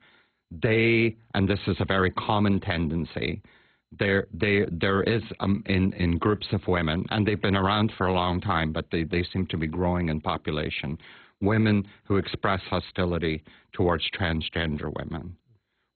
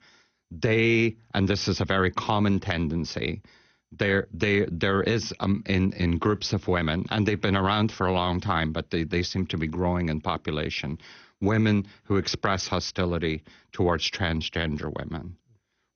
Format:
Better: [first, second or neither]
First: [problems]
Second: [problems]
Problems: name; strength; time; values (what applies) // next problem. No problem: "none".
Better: second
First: garbled, watery; badly; nothing above 4 kHz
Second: garbled, watery; slightly; nothing above 6.5 kHz